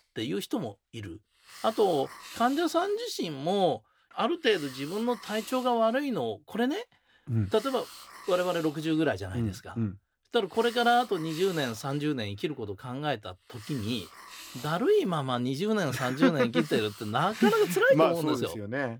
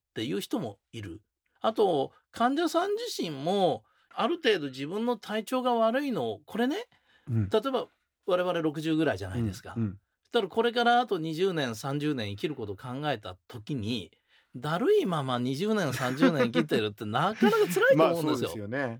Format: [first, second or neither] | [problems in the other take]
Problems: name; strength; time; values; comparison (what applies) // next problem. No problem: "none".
second | hiss; noticeable; throughout; 15 dB below the speech